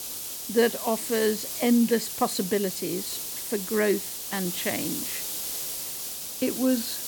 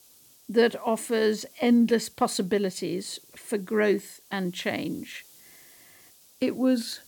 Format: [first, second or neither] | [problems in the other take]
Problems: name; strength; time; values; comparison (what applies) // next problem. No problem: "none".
second | hiss; loud; throughout; 4 dB below the speech; faint in the second